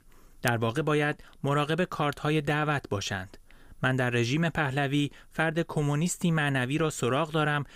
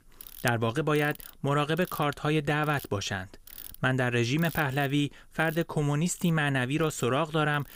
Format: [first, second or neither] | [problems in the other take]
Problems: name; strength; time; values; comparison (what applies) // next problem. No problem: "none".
first | machinery noise; noticeable; throughout; 20 dB below the speech